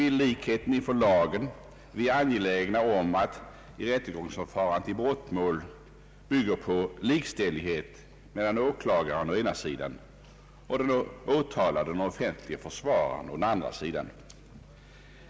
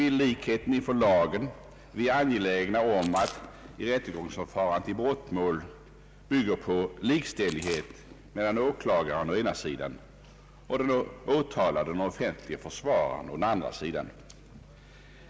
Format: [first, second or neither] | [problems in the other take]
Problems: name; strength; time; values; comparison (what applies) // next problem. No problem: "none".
first | background sound (Chewing, mastication); 20 dB below the speech